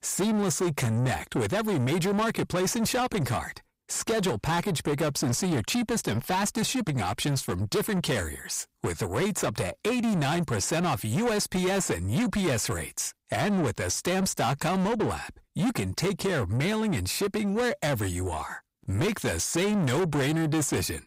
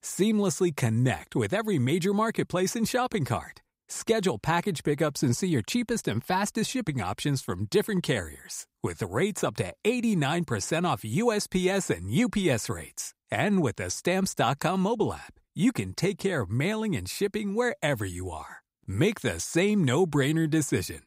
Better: second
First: distortion; heavy; 7 dB below the speech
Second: none

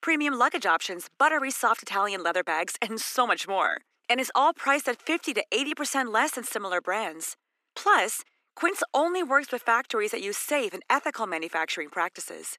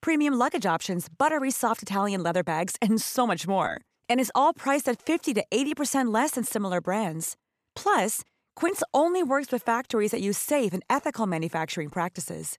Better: second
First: thin; somewhat; fading below 300 Hz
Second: none

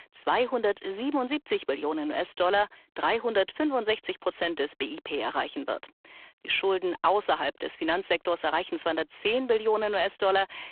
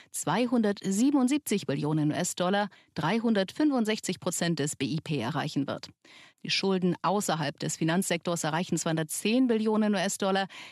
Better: second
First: phone-call audio; poor line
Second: none

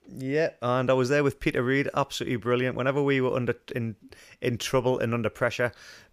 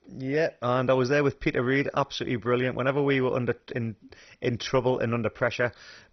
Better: first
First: none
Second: garbled, watery; badly; nothing above 6 kHz

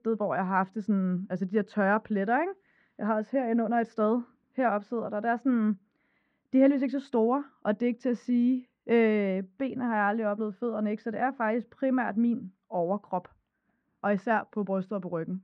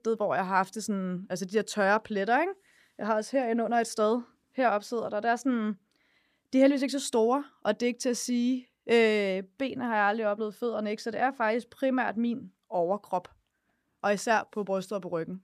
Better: second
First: muffled; very; fading above 1.5 kHz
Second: none

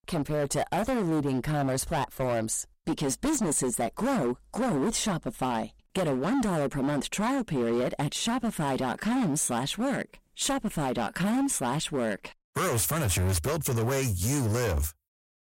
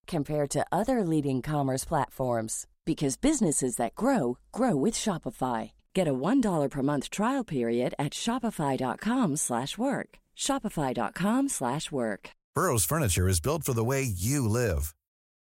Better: second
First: distortion; heavy; 21% of the sound clipped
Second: none

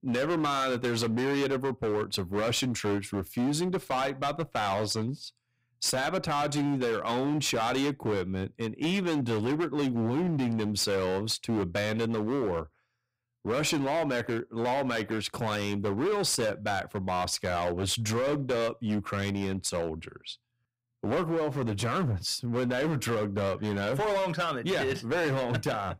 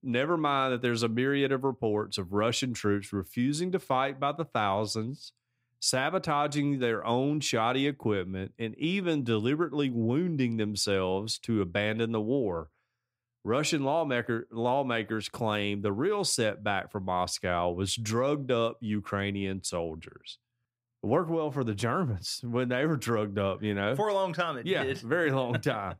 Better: second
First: distortion; heavy; 17% of the sound clipped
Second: none

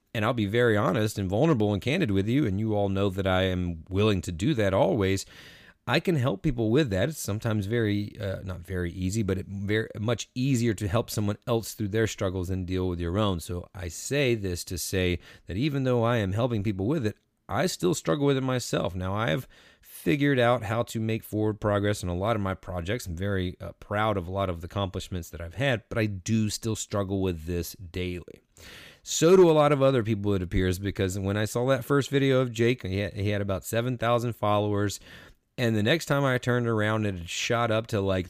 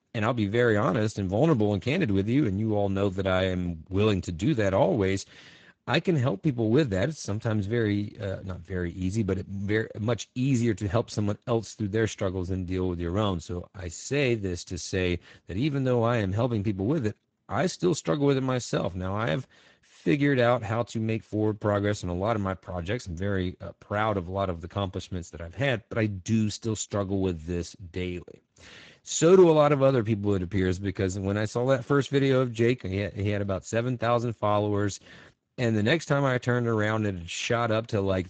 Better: first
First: none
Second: garbled, watery; slightly; nothing above 7.5 kHz

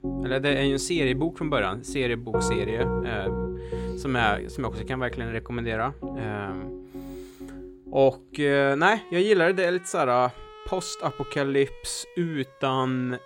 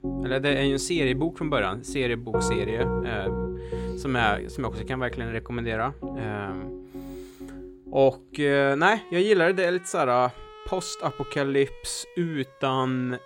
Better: neither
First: background music; loud; throughout; 9 dB below the speech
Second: background music; loud; throughout; 9 dB below the speech

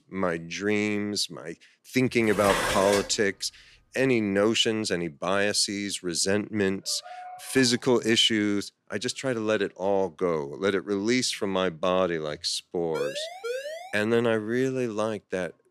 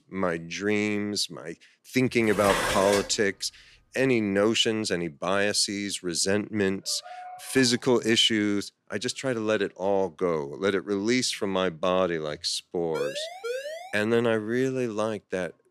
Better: neither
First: clattering dishes; loud; at 2.5 s; peak level with the speech // dog barking; faint; at 7 s; peak 15 dB below the speech // siren; noticeable; at 13 s; peak 7 dB below the speech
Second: clattering dishes; loud; at 2.5 s; peak level with the speech // dog barking; faint; at 7 s; peak 15 dB below the speech // siren; noticeable; at 13 s; peak 7 dB below the speech

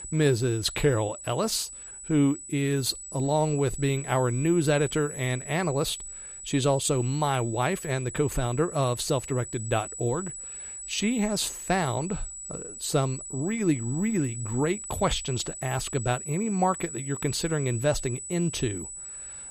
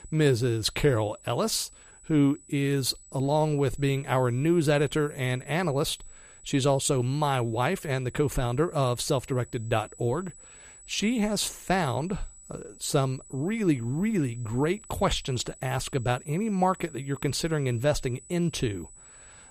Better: second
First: high-pitched whine; loud; throughout; 8 kHz, 9 dB below the speech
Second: high-pitched whine; faint; throughout; 8 kHz, 20 dB below the speech

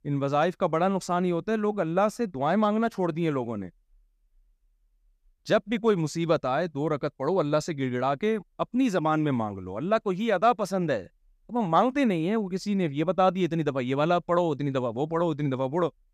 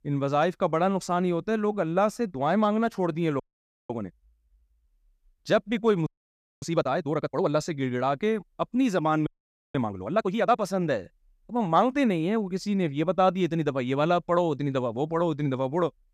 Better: first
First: none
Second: audio freezing; at 3.5 s, at 6 s for 0.5 s and at 9.5 s

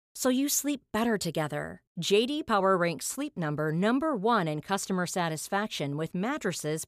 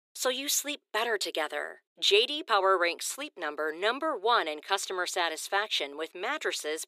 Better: first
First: none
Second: thin; very; fading below 350 Hz

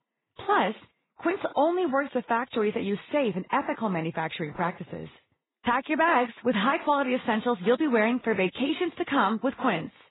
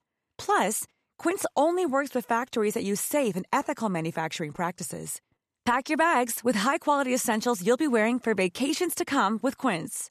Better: second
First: garbled, watery; badly; nothing above 4 kHz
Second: none

